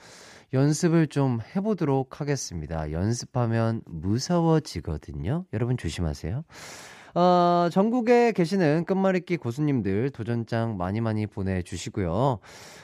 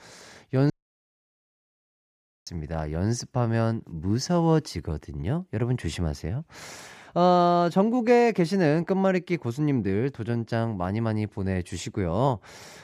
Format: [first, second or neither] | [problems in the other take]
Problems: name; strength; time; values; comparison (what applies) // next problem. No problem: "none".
first | audio cutting out; at 0.5 s for 2 s